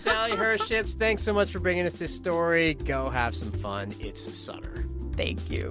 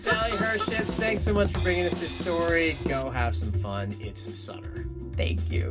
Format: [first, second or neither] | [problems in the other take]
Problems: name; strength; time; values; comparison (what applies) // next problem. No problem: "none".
first | background sound (Drum kit); 6 dB below the speech // room echo; dies away in 0.4 s